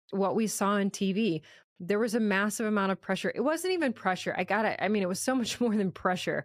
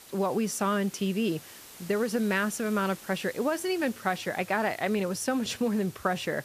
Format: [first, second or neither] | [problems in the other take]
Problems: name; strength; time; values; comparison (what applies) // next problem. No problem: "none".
first | hiss; noticeable; throughout; 15 dB below the speech